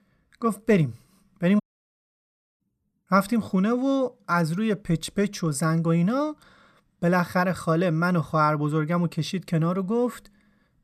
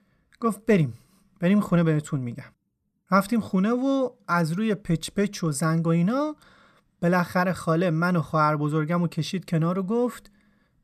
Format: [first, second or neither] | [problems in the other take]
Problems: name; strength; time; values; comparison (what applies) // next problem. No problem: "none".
second | audio cutting out; at 1.5 s for 1 s